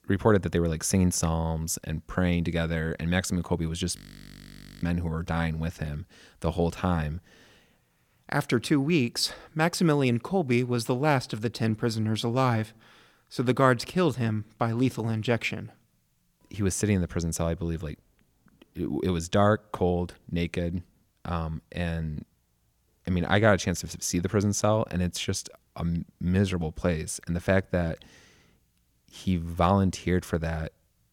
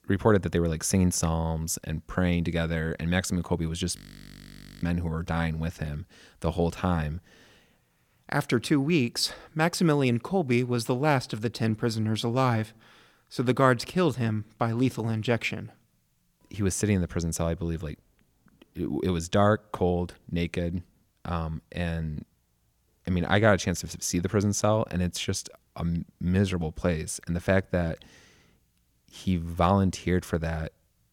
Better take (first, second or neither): neither